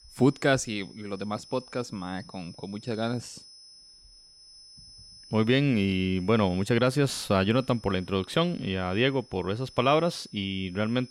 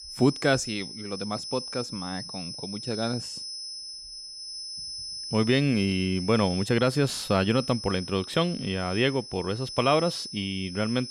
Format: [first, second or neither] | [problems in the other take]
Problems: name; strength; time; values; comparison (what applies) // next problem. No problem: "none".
first | high-pitched whine; loud; throughout; 5 kHz, 9 dB below the speech; faint in the first